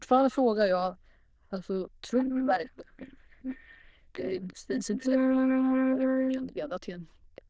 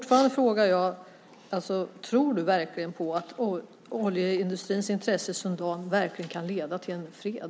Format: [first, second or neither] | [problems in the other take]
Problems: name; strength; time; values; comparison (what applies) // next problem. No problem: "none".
second | noise reduction (neural diffusion model UNIVERSE++)